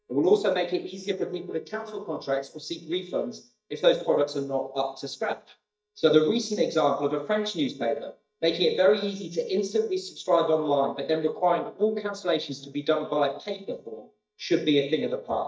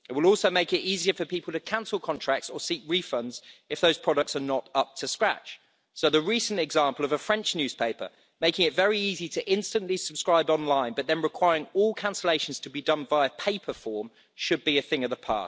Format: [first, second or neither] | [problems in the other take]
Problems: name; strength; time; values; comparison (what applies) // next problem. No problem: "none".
second | noise reduction (neural mask model DeepFilterNet 3)